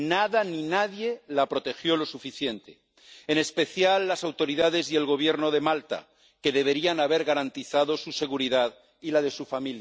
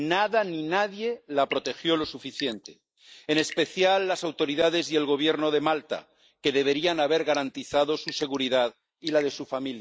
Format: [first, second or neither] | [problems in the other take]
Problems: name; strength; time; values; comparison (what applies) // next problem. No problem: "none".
first | noise reduction (neural mask model Resemble Enhance denoiser)